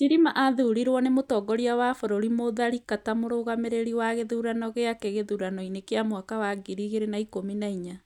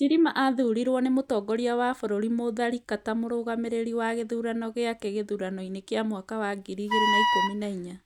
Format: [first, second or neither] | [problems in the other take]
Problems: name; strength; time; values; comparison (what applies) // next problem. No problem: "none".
first | background sound (Wind instrument, woodwind instrument); 1 dB above the speech